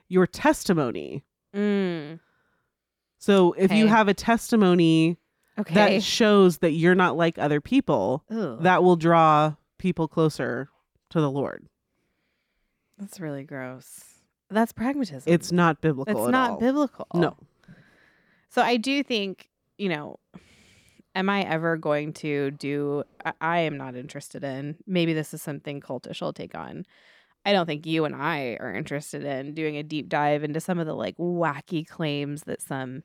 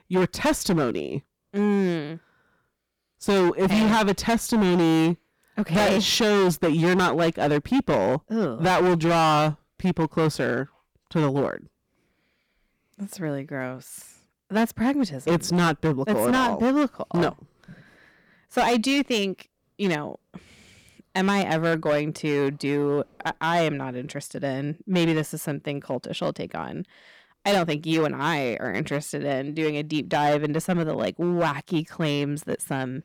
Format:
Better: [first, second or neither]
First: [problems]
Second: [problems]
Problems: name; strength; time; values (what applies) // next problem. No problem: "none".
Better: first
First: none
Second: distortion; heavy; 11% of the sound clipped